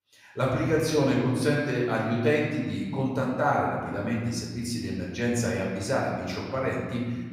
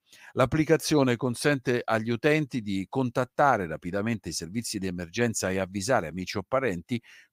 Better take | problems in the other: second | off-mic speech; far // room echo; noticeable; dies away in 1.7 s

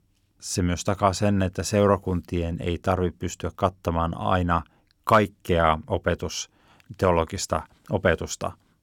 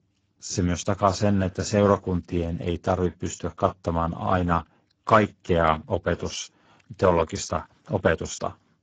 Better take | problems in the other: first | garbled, watery; badly; nothing above 7.5 kHz

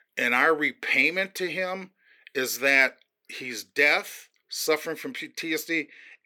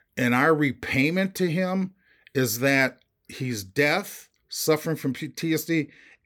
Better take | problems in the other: second | thin; somewhat; fading below 400 Hz

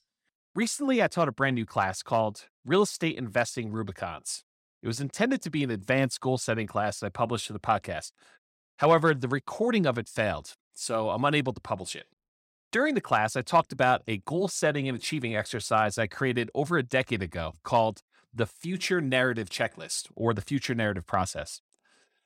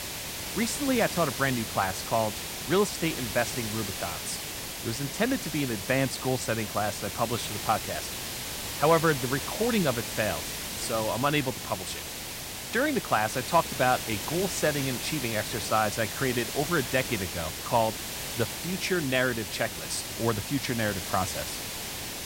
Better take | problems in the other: first | hiss; loud; throughout; 4 dB below the speech

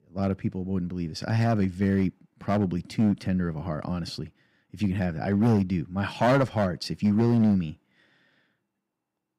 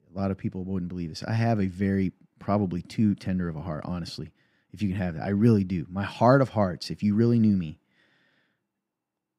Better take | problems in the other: second | distortion; slight; 3% of the sound clipped

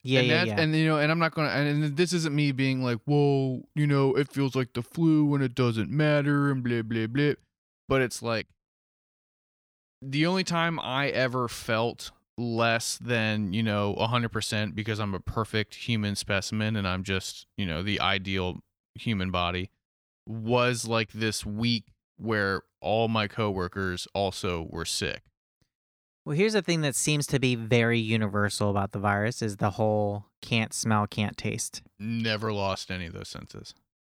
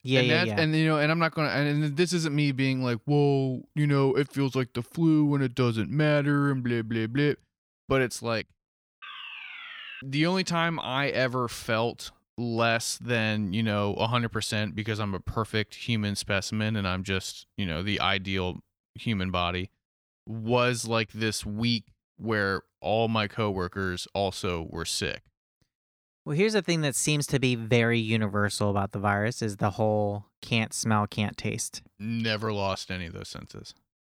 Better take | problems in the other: first | alarm; faint; from 9 to 10 s; peak 10 dB below the speech

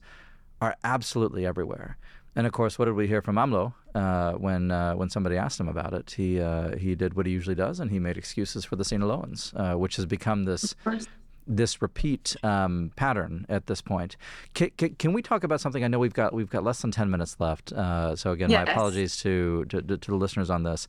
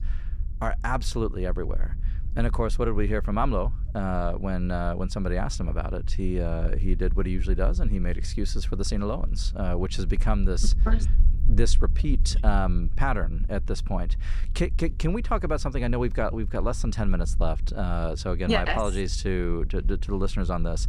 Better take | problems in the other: first | low rumble; faint; throughout; 20 dB below the speech

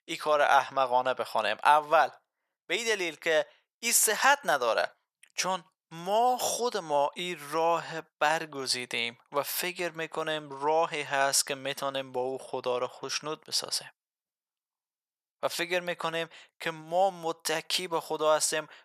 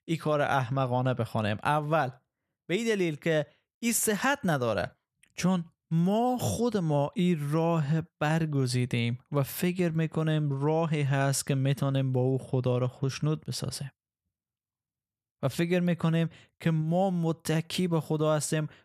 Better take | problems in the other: second | thin; very; fading below 700 Hz

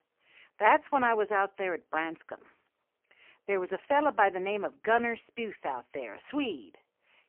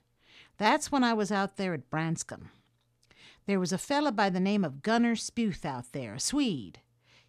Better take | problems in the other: second | phone-call audio; poor line; nothing above 3 kHz

